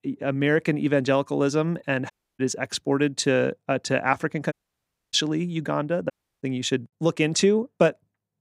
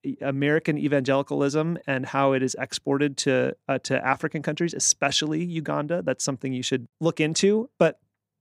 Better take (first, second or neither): second